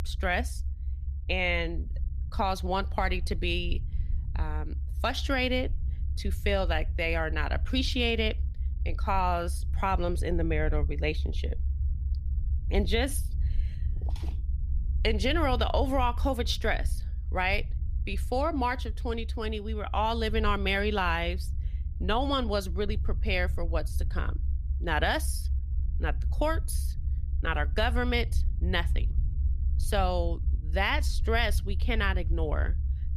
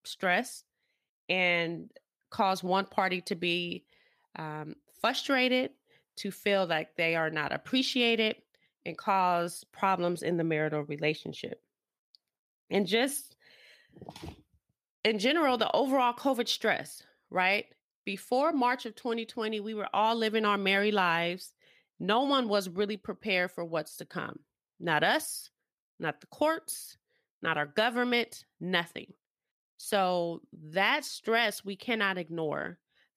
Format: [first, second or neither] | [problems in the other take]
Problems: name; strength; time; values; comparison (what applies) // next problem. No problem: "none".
second | low rumble; faint; throughout; 20 dB below the speech